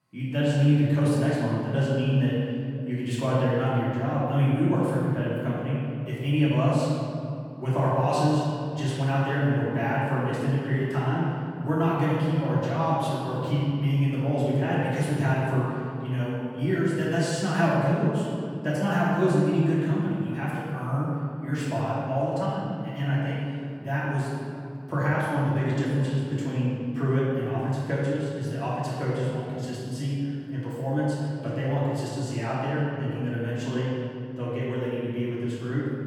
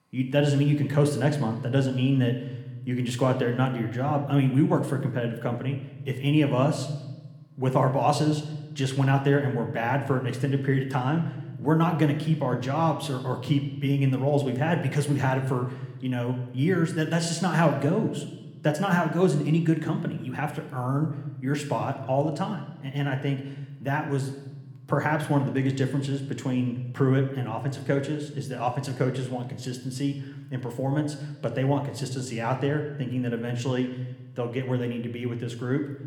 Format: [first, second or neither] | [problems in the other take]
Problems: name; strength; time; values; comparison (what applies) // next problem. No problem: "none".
second | room echo; strong; dies away in 2.2 s; slight in the second // off-mic speech; far